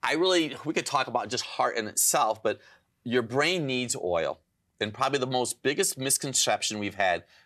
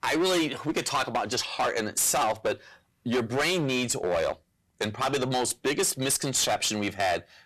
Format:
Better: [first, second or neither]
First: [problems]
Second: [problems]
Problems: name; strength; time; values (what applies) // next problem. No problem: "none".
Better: first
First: none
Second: distortion; heavy; 15% of the sound clipped